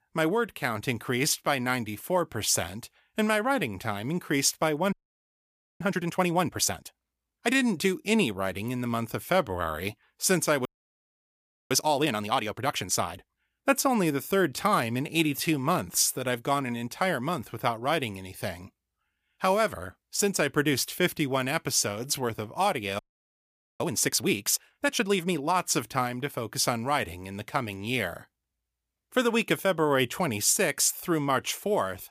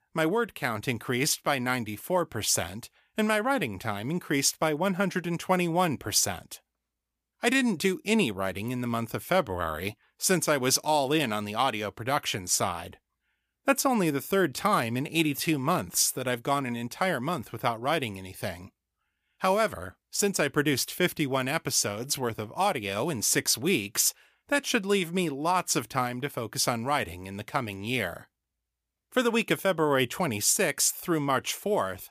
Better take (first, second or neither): second